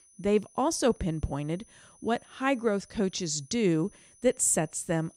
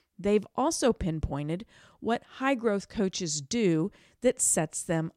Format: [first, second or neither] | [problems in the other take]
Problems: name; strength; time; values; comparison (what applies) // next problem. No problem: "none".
second | high-pitched whine; faint; throughout; 10 kHz, 30 dB below the speech